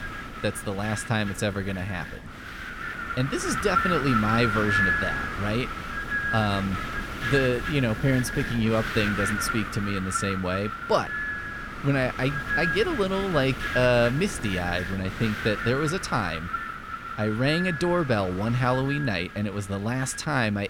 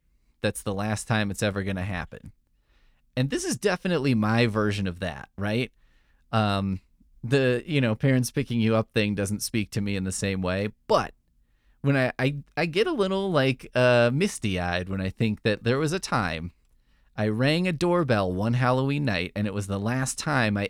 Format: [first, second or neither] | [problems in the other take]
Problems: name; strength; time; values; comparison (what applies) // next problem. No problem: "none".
second | wind noise on the microphone; heavy; 1 dB below the speech